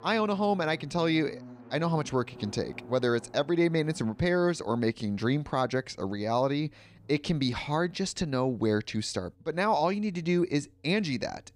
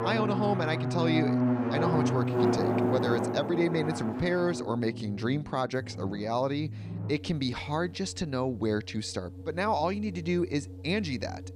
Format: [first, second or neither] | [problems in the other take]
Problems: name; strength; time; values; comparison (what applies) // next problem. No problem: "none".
first | background music; loud; throughout; as loud as the speech; faint in the first